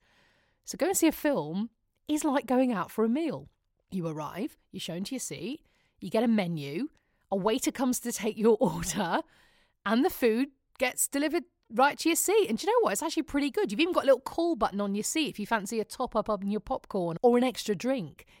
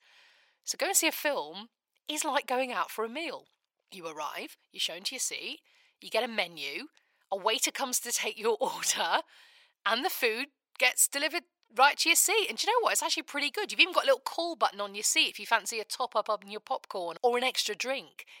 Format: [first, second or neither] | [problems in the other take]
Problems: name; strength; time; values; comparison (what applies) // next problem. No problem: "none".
first | thin; very; fading below 700 Hz